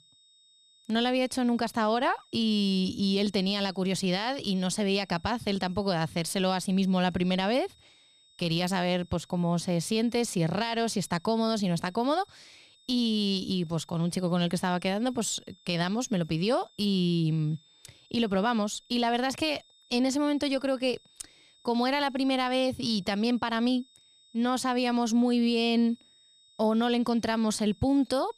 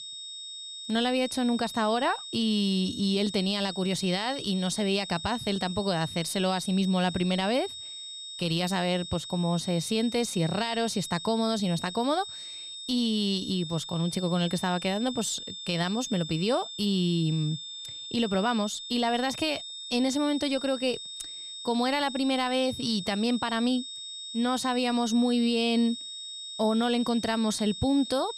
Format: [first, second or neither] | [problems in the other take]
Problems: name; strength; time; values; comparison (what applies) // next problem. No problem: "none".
first | high-pitched whine; loud; throughout; 3.5 kHz, 9 dB below the speech; faint in the first